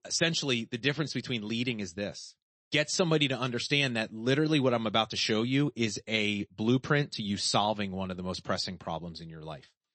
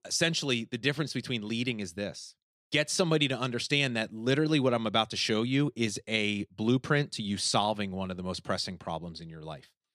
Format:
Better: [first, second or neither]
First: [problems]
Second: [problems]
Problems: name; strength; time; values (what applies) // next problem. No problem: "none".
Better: second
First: garbled, watery; slightly; nothing above 8 kHz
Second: none